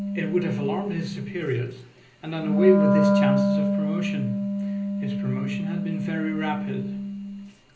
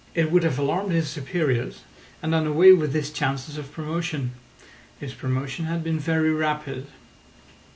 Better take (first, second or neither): second